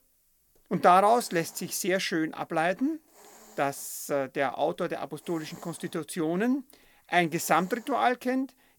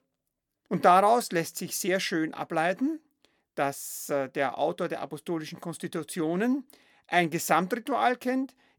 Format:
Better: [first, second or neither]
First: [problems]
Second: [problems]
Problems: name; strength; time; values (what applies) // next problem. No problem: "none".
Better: second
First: hiss; faint; throughout; 30 dB below the speech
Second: none